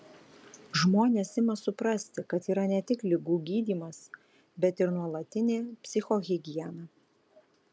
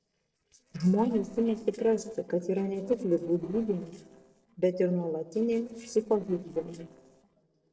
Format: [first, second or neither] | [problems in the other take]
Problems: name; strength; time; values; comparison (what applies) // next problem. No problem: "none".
first | noise reduction (neural separator model SepFormer DNS4)